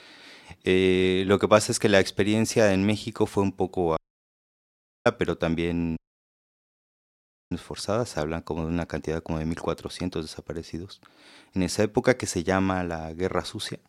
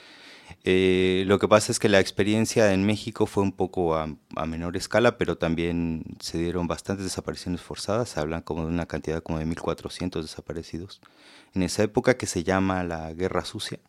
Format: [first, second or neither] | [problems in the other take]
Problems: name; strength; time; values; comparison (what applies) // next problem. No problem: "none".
second | audio cutting out; at 4 s for 1 s and at 6 s for 1.5 s